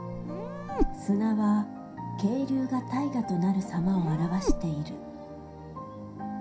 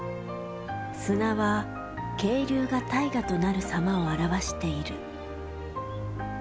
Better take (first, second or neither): second